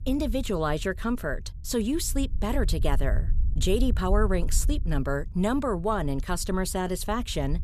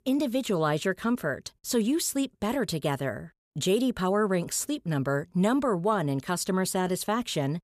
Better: second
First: low rumble; faint; throughout; 25 dB below the speech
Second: none

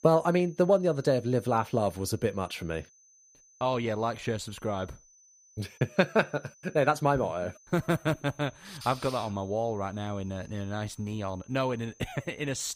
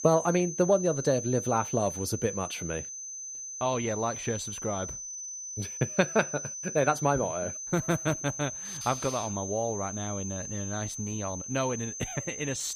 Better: first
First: high-pitched whine; faint; throughout; 6 kHz, 25 dB below the speech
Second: high-pitched whine; loud; throughout; 6 kHz, 6 dB below the speech

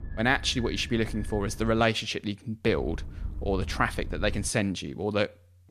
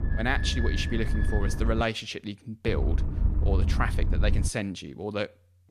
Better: first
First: low rumble; faint; until 2 s and from 2.5 to 4.5 s; 20 dB below the speech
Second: low rumble; loud; until 2 s and from 2.5 to 4.5 s; 8 dB below the speech

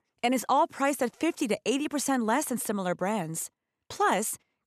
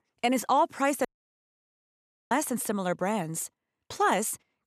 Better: first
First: none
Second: audio cutting out; at 1 s for 1.5 s

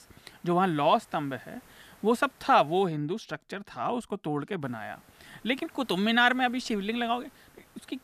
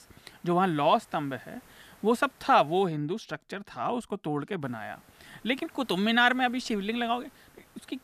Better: neither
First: hiss; faint; until 3 s and from 4.5 s on; 30 dB below the speech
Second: hiss; faint; until 3 s and from 4.5 s on; 30 dB below the speech

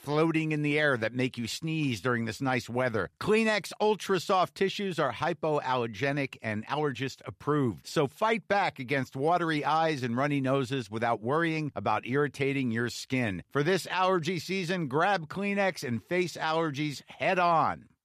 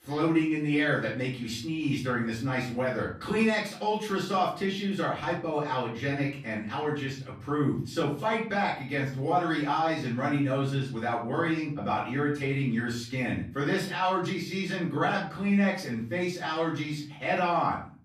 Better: first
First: none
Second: room echo; slight; dies away in 0.4 s // off-mic speech; far

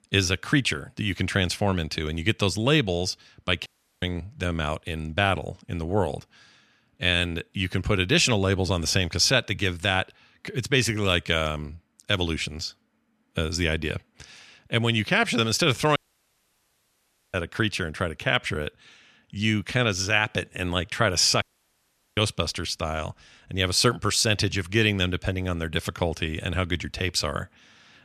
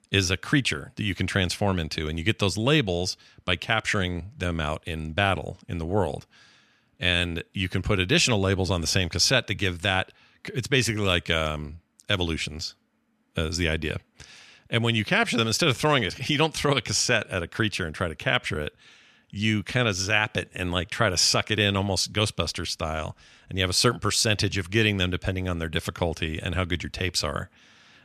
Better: second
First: audio cutting out; at 3.5 s, at 16 s for 1.5 s and at 21 s for 1 s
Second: none

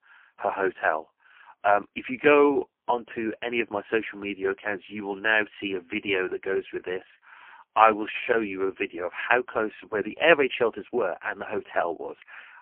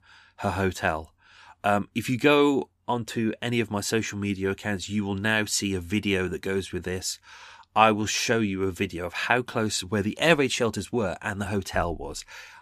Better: second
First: phone-call audio; poor line; nothing above 3 kHz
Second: none

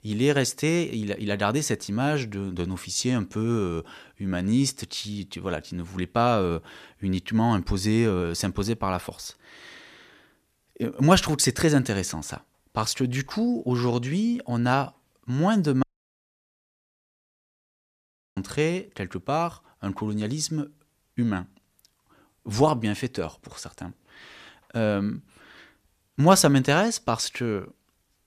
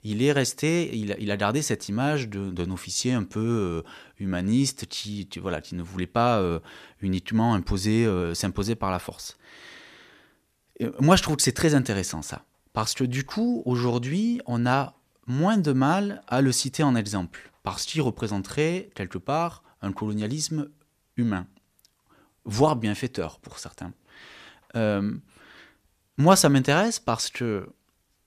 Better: second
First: audio cutting out; at 16 s for 2.5 s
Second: none

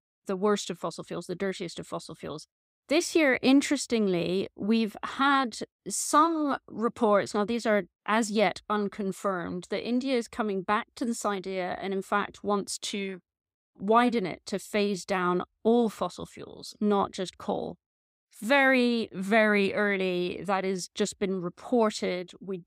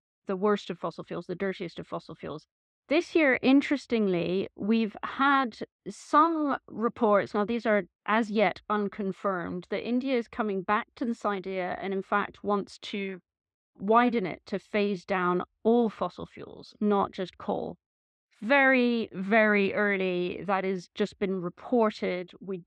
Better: first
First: none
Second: muffled; slightly; fading above 2.5 kHz

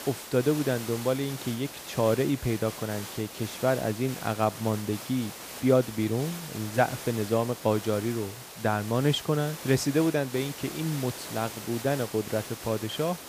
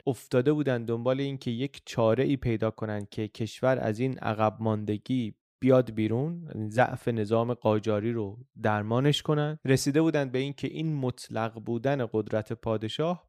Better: second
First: hiss; noticeable; throughout; 10 dB below the speech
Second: none

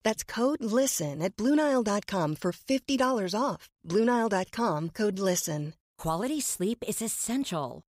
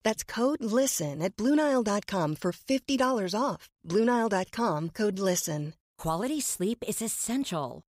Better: neither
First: none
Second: none

